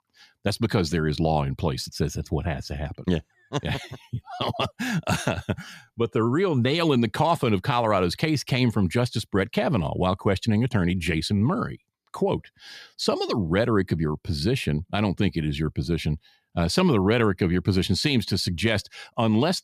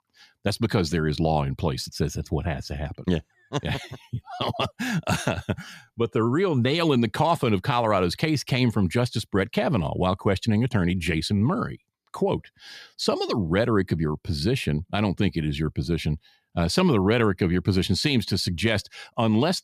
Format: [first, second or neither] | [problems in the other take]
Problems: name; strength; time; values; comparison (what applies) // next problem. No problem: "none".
neither | none